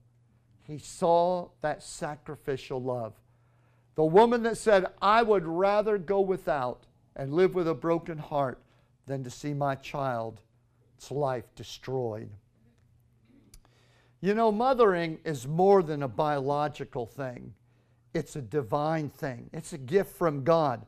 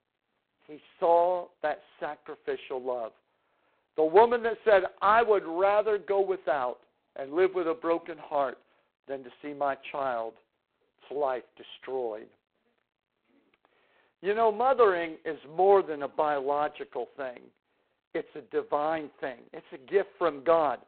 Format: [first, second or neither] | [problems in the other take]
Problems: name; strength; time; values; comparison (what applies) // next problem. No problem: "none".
first | phone-call audio; poor line; nothing above 4 kHz